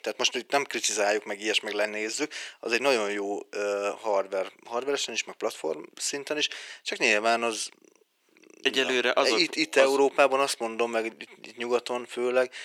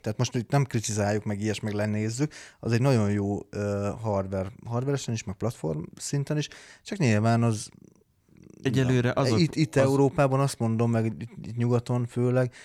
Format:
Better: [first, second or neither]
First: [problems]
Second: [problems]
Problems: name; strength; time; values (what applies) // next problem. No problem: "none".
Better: second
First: thin; very; fading below 350 Hz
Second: none